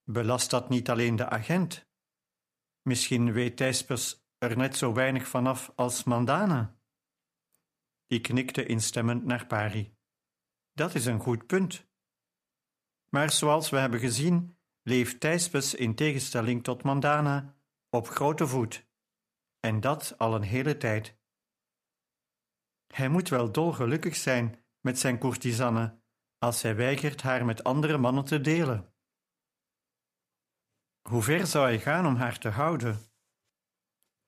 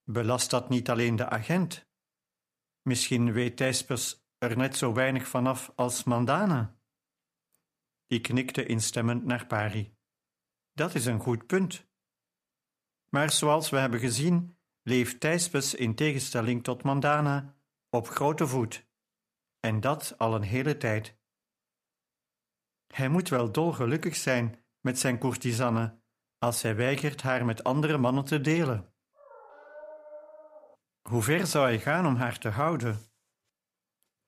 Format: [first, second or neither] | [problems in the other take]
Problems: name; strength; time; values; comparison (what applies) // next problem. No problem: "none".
first | dog barking; faint; from 29 to 31 s; peak 15 dB below the speech